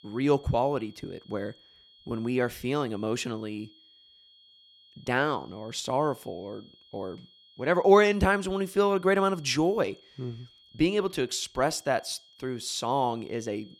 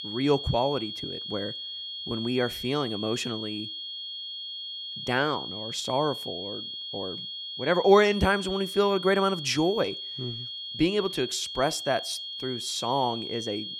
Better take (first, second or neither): first